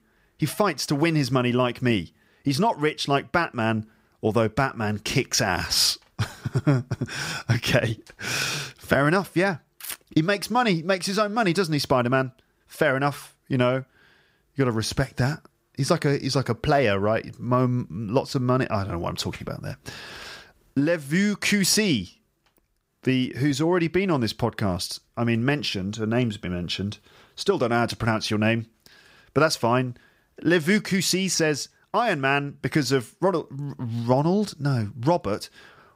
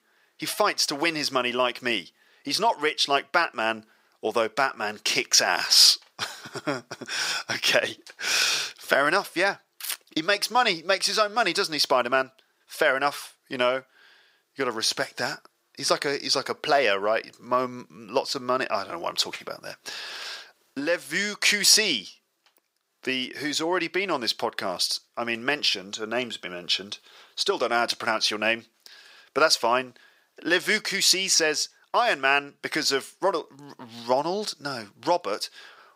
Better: first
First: none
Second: thin; somewhat; fading below 500 Hz

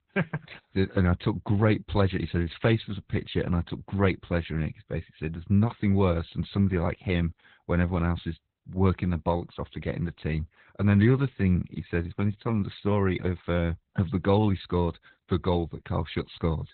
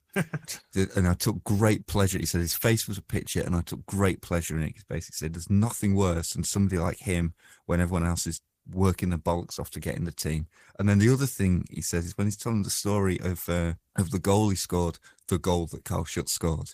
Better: second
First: garbled, watery; badly; nothing above 4 kHz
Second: garbled, watery; slightly; nothing above 15 kHz

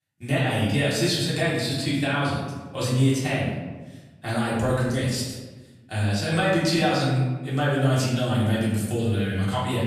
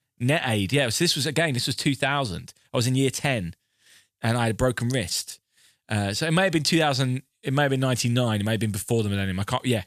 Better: second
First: off-mic speech; far // room echo; noticeable; dies away in 1.2 s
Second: none

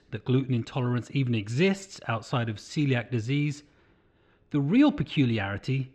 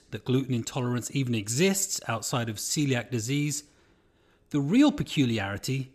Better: second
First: muffled; slightly; fading above 2.5 kHz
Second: none

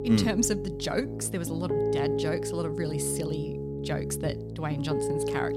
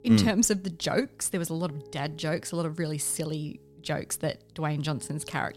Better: second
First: background music; loud; throughout; 1 dB below the speech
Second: background music; faint; throughout; 25 dB below the speech

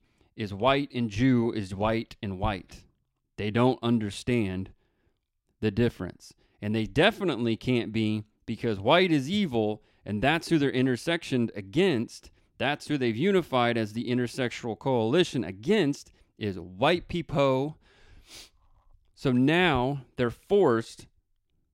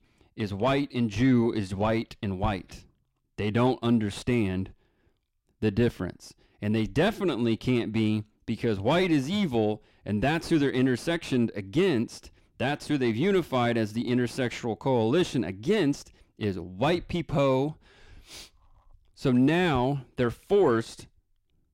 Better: first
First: none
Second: distortion; slight; 10 dB below the speech

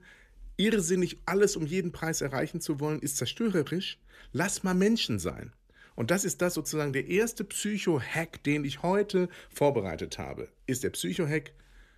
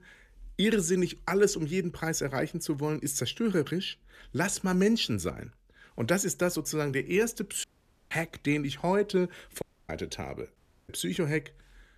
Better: first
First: none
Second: audio cutting out; at 7.5 s, at 9.5 s and at 11 s

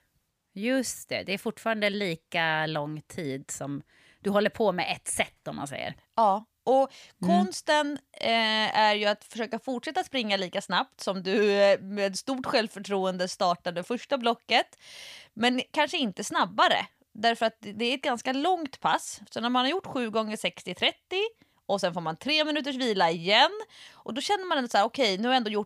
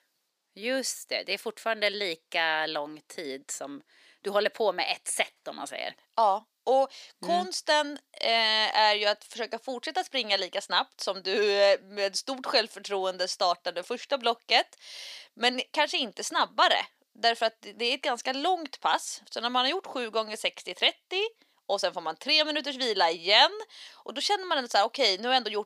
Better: first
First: none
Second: thin; somewhat; fading below 350 Hz

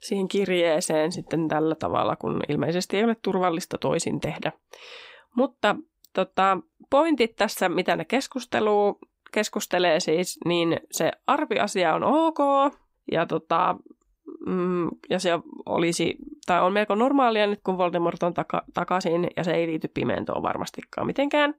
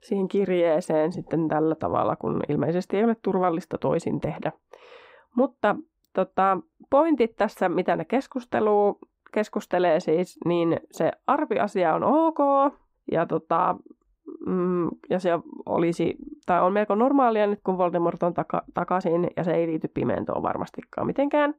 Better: first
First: none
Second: muffled; slightly; fading above 2 kHz

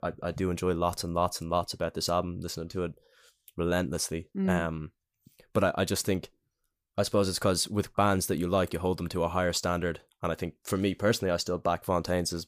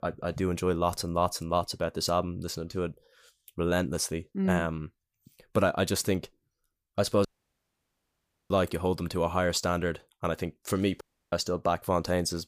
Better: first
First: none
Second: audio cutting out; at 7.5 s for 1.5 s and at 11 s

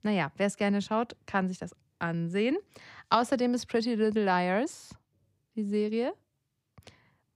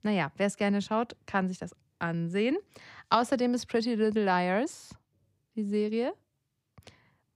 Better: neither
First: none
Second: none

